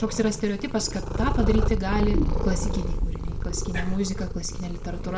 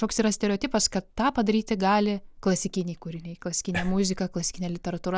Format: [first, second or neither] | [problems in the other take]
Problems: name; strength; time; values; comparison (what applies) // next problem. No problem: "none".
second | background sound (Purr); 1 dB above the speech // room echo; dies away in 0.8 s